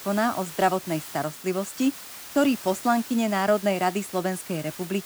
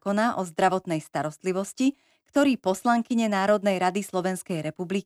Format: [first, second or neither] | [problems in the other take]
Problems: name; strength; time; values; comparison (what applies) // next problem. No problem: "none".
second | hiss; noticeable; throughout; 15 dB below the speech